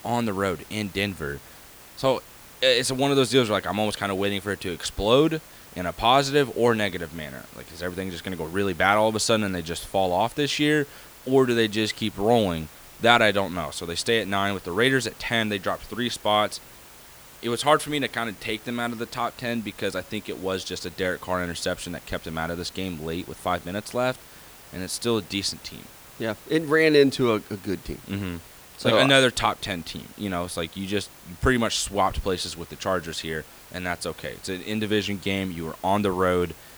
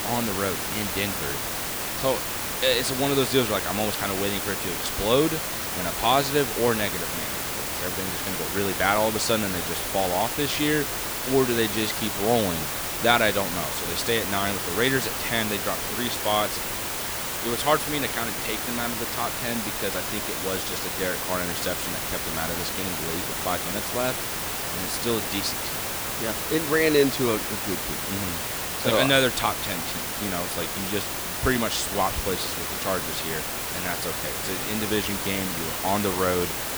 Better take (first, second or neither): first